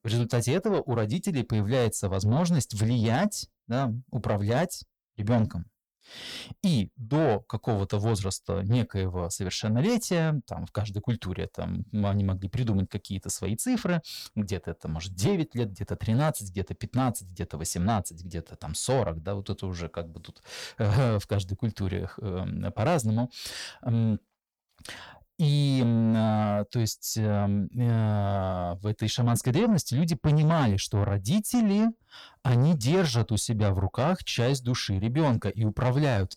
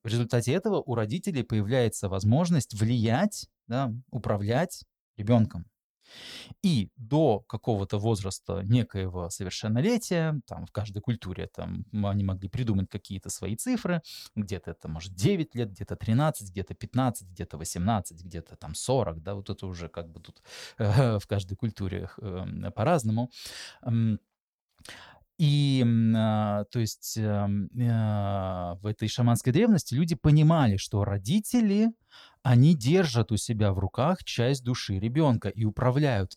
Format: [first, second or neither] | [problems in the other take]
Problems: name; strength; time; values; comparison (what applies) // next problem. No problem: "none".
second | distortion; slight; 10 dB below the speech